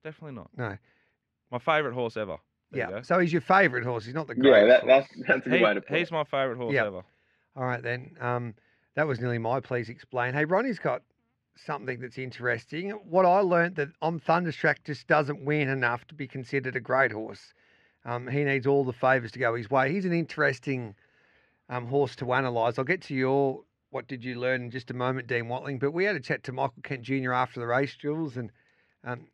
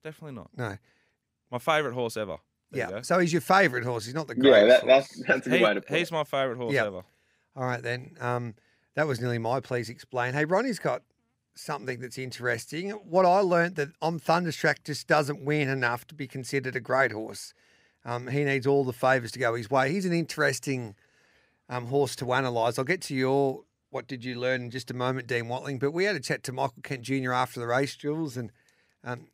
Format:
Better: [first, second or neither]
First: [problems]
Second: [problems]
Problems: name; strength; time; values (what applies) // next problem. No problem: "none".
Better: second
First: muffled; slightly; fading above 2.5 kHz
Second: none